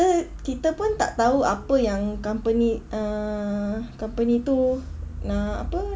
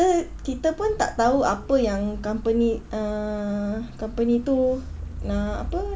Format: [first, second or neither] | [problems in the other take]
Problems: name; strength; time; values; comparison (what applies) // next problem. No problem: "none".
first | background sound (Livestock, farm animals, working animals); 20 dB below the speech